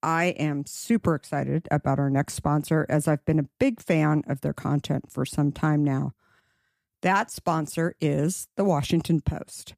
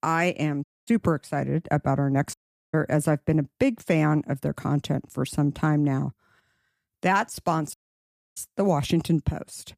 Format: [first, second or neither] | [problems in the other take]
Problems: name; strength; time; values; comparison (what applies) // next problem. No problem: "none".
first | audio cutting out; at 0.5 s, at 2.5 s and at 7.5 s for 0.5 s